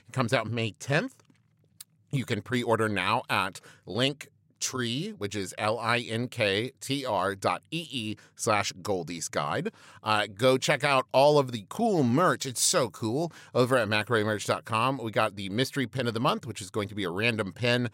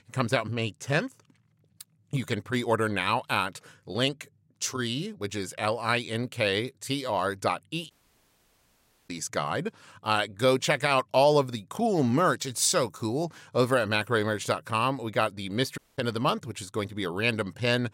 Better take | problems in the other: first | audio cutting out; at 8 s for 1 s and at 16 s

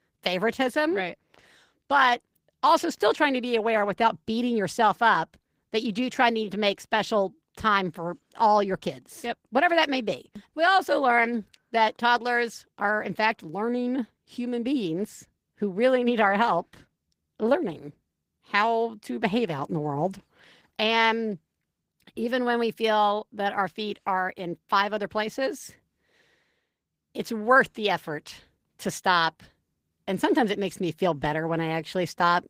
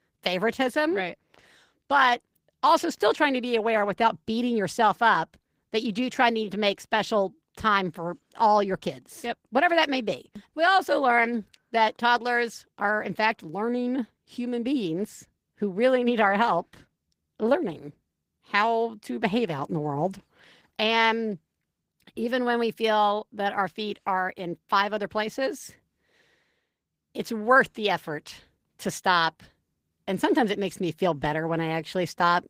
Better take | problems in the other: neither | garbled, watery; slightly; nothing above 15.5 kHz; the same in both

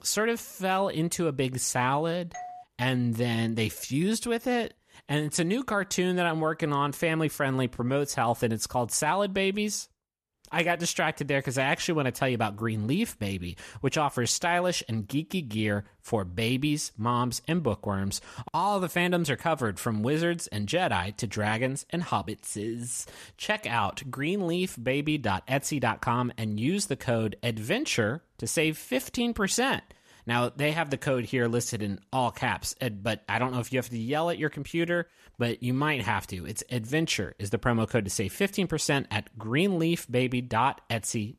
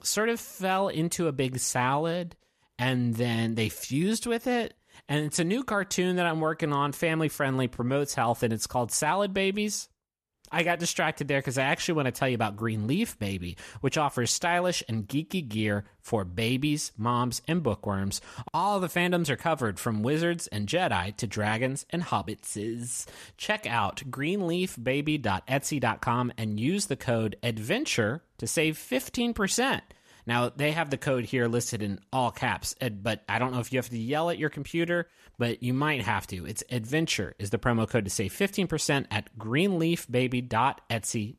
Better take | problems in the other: second | doorbell; faint; at 2.5 s; peak 15 dB below the speech

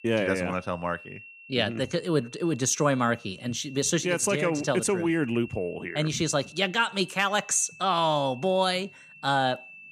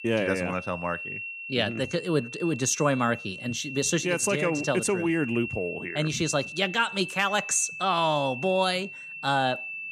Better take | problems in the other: first | high-pitched whine; loud; throughout; 2.5 kHz, 9 dB below the speech; faint in the first

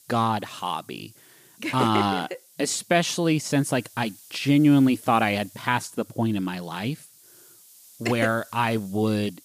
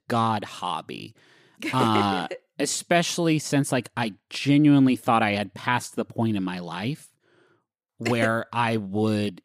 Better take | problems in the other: second | hiss; faint; throughout; 25 dB below the speech

